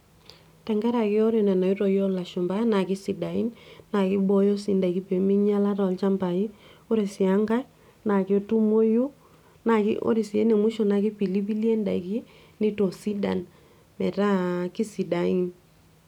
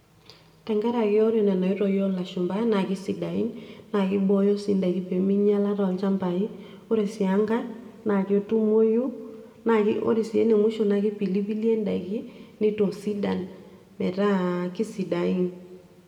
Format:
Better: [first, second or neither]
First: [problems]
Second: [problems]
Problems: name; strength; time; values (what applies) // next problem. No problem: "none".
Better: first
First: none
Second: room echo; dies away in 1.3 s